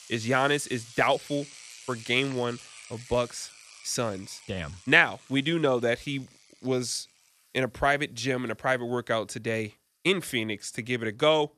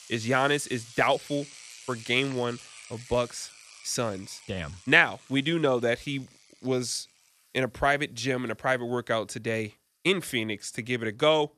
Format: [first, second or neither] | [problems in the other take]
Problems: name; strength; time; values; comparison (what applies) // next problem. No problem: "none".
neither | household noises; noticeable; throughout; 20 dB below the speech; the same in both